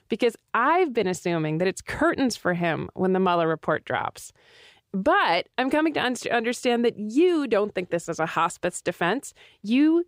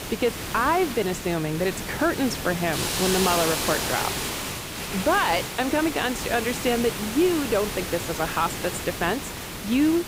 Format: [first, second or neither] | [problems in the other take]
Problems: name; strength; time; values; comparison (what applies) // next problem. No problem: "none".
first | hiss; loud; throughout; 4 dB below the speech